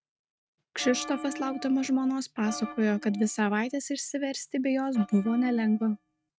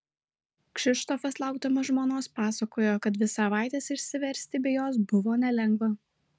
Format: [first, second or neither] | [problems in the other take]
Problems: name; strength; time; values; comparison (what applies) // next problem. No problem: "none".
second | noise reduction (neural mask model RNNoise)